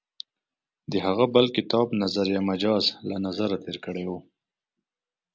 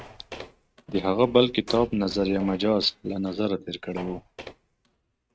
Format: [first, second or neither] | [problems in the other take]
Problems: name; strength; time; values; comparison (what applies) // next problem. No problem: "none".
first | noise reduction (neural mask model RNNoise)